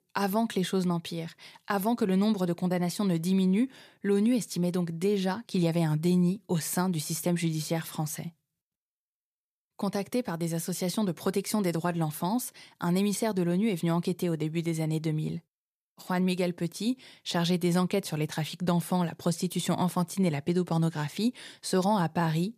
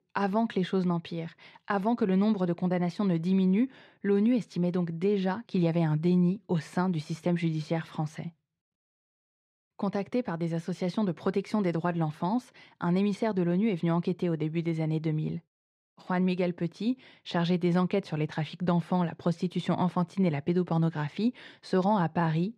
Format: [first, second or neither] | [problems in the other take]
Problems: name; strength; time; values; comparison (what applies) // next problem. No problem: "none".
first | muffled; slightly; fading above 3 kHz